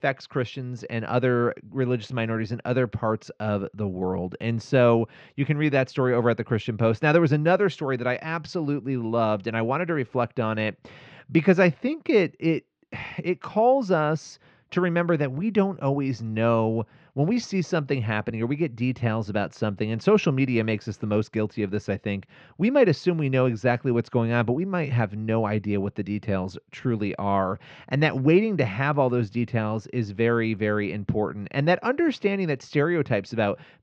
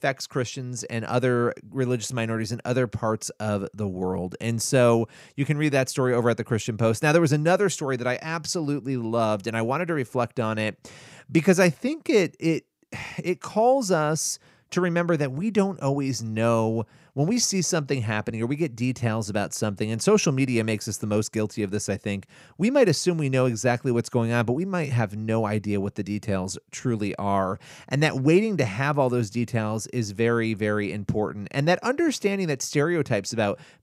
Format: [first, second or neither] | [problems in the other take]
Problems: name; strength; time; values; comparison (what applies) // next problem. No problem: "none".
second | muffled; slightly; fading above 4 kHz